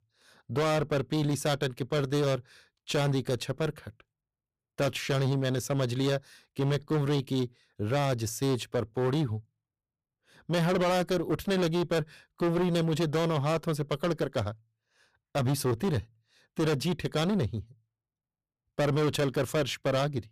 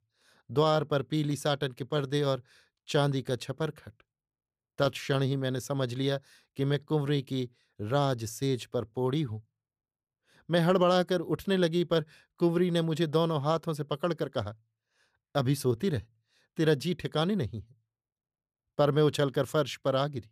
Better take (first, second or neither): second